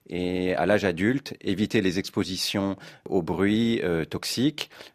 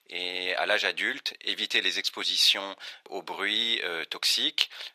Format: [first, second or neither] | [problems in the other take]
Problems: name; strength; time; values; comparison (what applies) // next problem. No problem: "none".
first | thin; very; fading below 800 Hz